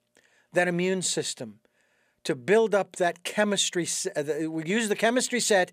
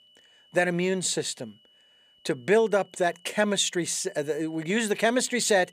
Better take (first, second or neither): first